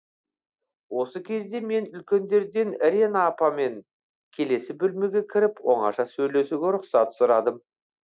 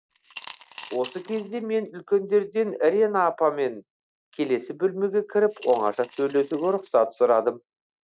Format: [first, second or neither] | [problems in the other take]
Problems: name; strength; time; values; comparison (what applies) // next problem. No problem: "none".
first | noise reduction (neural mask model RNNoise)